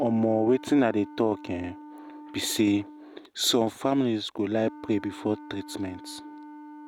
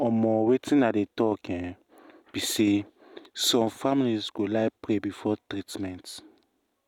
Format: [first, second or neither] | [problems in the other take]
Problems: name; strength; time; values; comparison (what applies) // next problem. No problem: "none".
second | background sound (Wind instrument, woodwind instrument); 17 dB below the speech